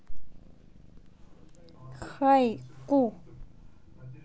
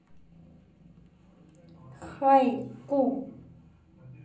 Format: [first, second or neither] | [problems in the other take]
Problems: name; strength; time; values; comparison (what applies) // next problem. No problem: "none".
first | room echo; dies away in 0.6 s